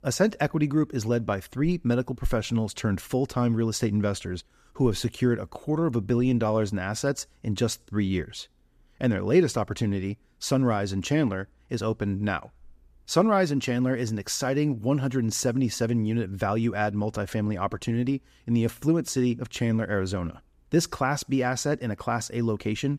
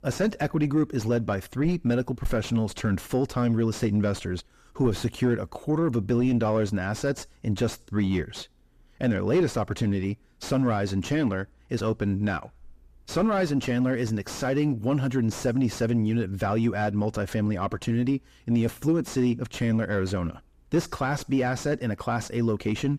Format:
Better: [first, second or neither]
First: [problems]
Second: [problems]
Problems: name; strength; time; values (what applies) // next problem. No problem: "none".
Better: first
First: none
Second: distortion; slight; 10 dB below the speech